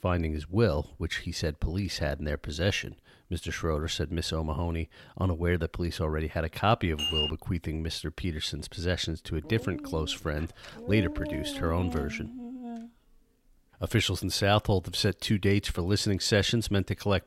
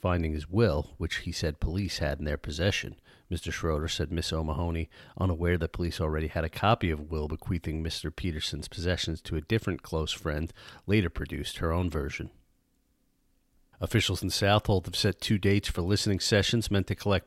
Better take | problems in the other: second | clattering dishes; loud; at 7 s; peak 2 dB above the speech // dog barking; noticeable; from 9.5 to 13 s; peak 6 dB below the speech

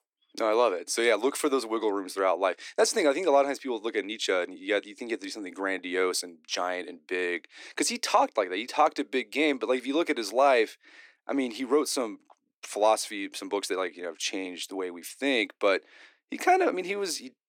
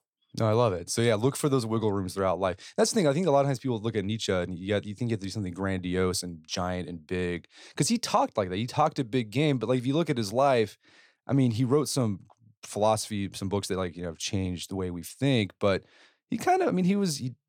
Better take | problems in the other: second | thin; somewhat; fading below 300 Hz

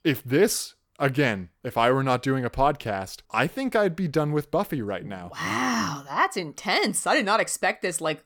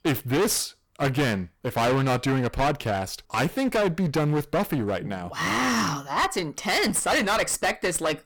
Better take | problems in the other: first | distortion; heavy; 20% of the sound clipped

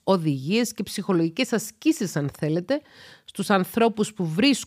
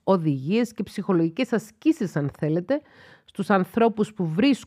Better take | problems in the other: first | muffled; slightly; fading above 3 kHz

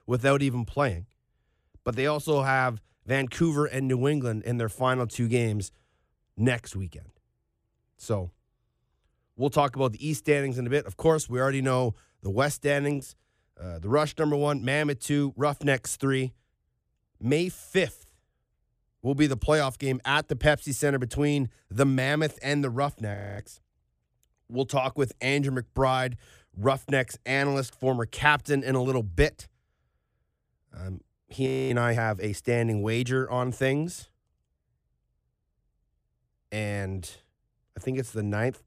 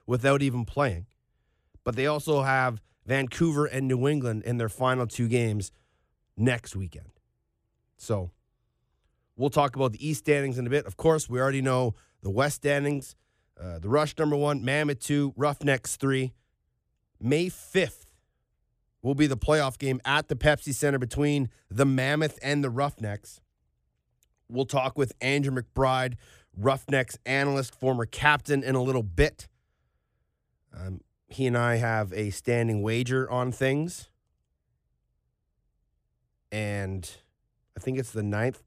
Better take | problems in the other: second | audio freezing; at 23 s and at 31 s

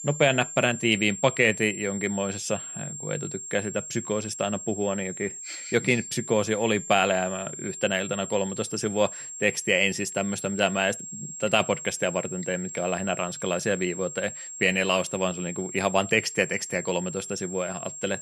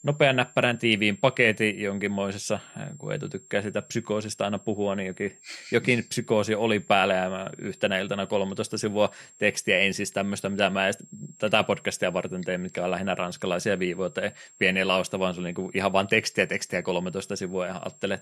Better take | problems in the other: second | high-pitched whine; loud; throughout; 7.5 kHz, 9 dB below the speech; faint in the second

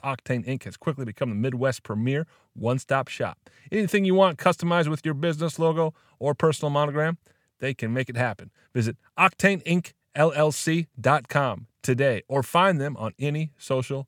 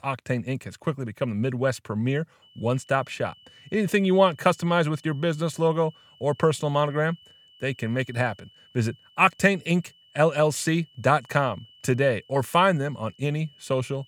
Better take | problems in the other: first | high-pitched whine; faint; from 2.5 s on; 3 kHz, 30 dB below the speech

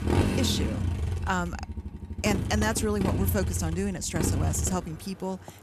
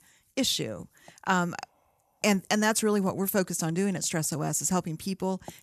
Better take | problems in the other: second | traffic noise; loud; throughout; as loud as the speech

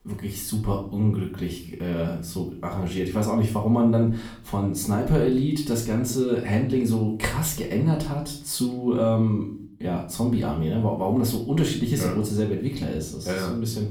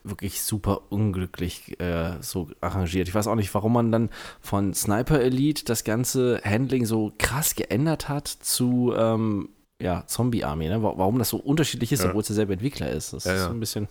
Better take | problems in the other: second | room echo; slight; dies away in 0.4 s // off-mic speech; far

